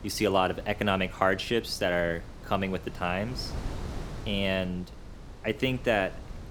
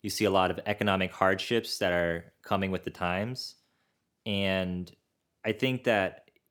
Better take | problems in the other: second | wind noise on the microphone; occasional gusts; 20 dB below the speech

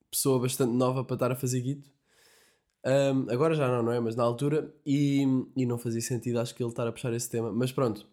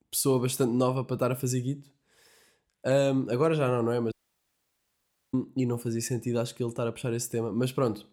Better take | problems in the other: first | audio cutting out; at 4 s for 1 s

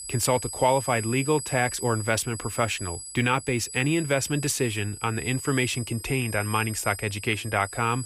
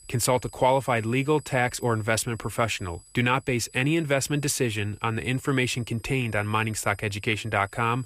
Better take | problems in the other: second | high-pitched whine; loud; throughout; 8 kHz, 9 dB below the speech; faint in the second

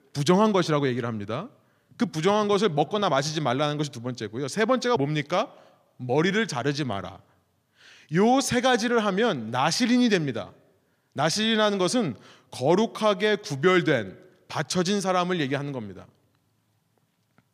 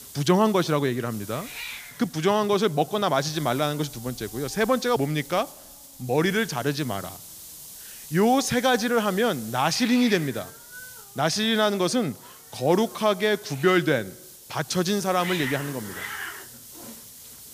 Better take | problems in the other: first | hiss; noticeable; throughout; 15 dB below the speech

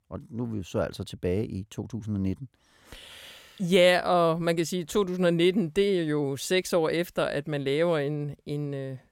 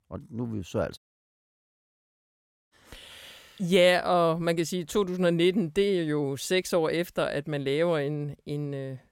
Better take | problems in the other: first | audio cutting out; at 1 s for 1.5 s

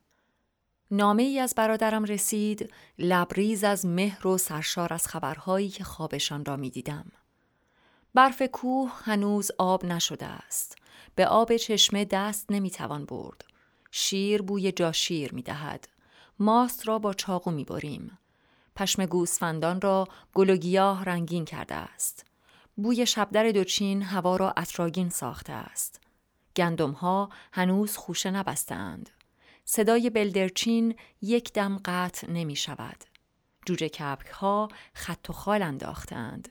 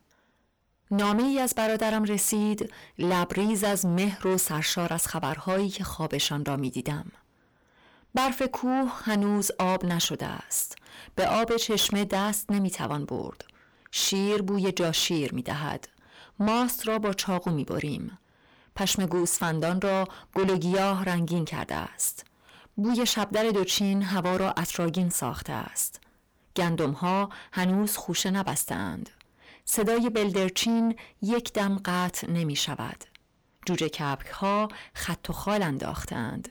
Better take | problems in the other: first | distortion; heavy; 7 dB below the speech

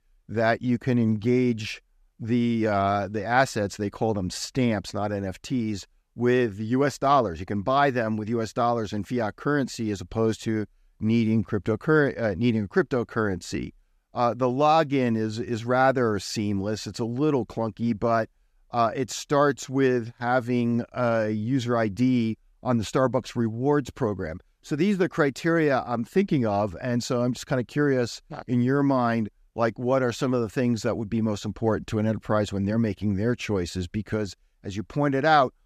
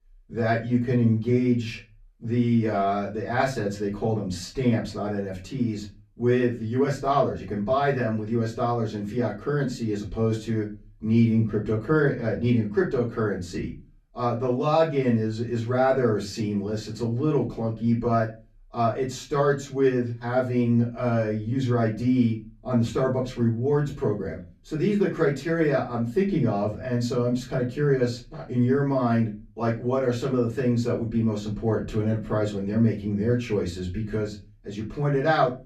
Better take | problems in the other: first | off-mic speech; far // room echo; very slight; dies away in 0.3 s

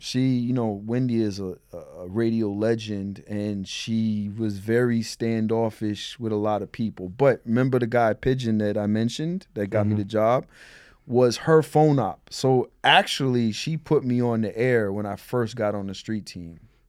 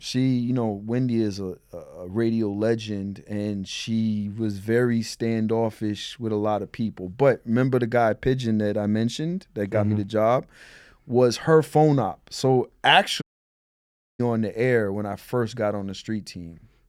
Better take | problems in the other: first | audio cutting out; at 13 s for 1 s

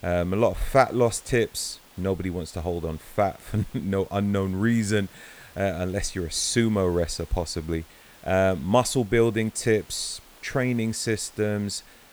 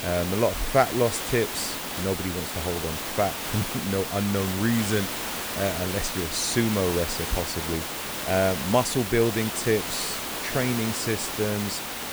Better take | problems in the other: first | hiss; loud; throughout; 3 dB below the speech; faint in the first

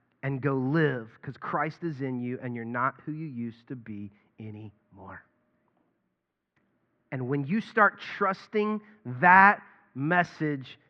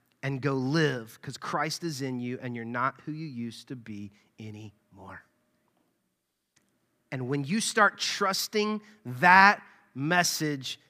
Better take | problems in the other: second | muffled; very; fading above 2 kHz

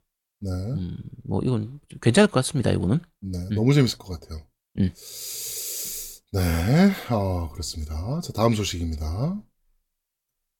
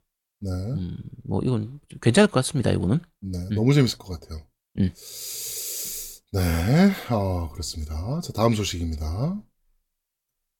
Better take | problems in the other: neither | none

